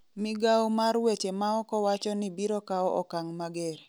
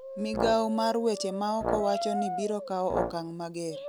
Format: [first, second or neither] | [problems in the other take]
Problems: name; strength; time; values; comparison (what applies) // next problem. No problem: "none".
first | background sound (Brass instrument + Brass instrument); 4 dB below the speech